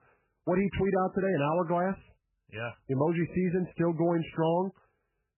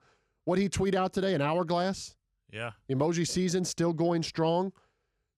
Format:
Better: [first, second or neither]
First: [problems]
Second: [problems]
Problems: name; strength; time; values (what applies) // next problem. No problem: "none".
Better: second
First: garbled, watery; badly; nothing above 3 kHz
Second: none